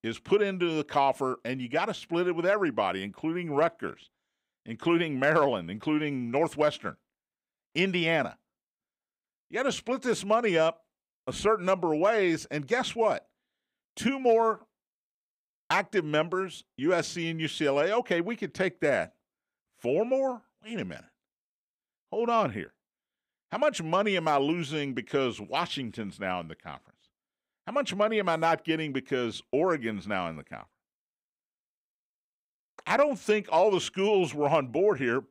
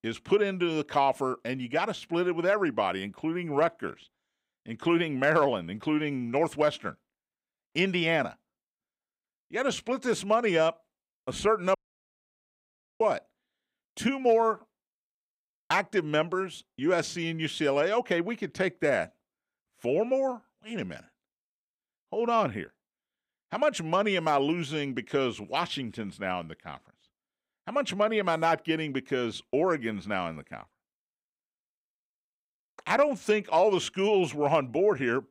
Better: first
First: none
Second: audio cutting out; at 12 s for 1.5 s

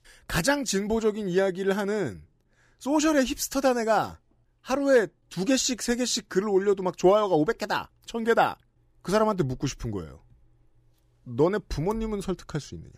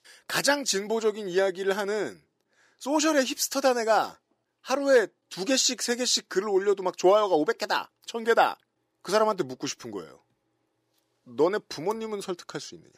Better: first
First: none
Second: thin; very slightly; fading below 350 Hz

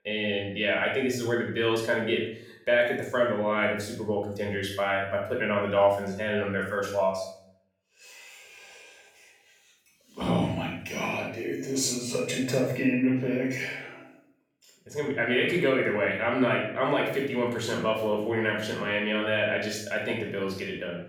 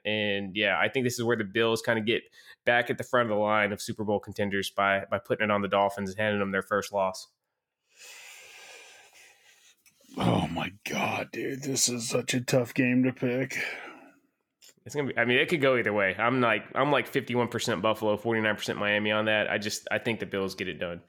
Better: second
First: off-mic speech; far // room echo; noticeable; dies away in 0.6 s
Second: none

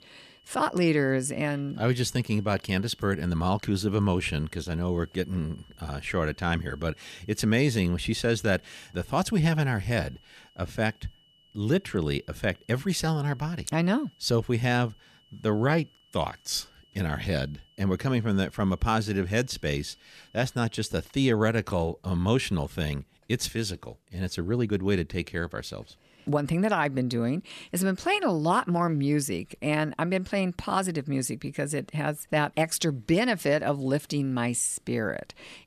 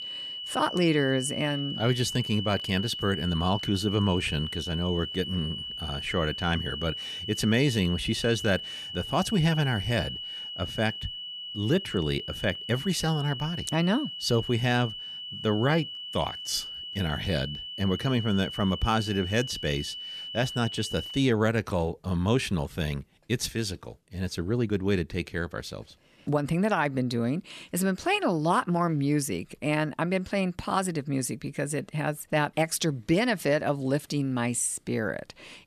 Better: first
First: high-pitched whine; faint; until 21 s; 3 kHz, 30 dB below the speech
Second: high-pitched whine; loud; until 21 s; 3 kHz, 7 dB below the speech

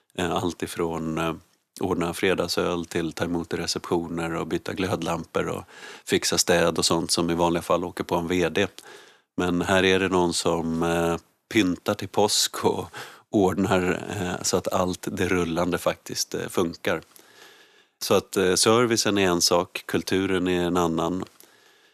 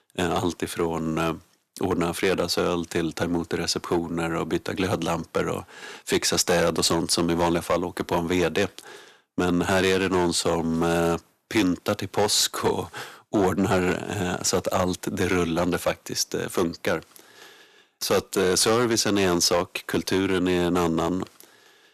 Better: first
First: none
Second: distortion; slight; 5% of the sound clipped

